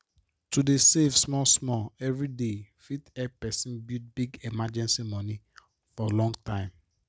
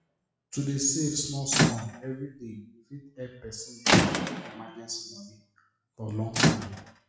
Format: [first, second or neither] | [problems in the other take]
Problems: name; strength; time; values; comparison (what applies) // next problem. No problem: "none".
first | noise reduction (classical method WPE with log-MMSE)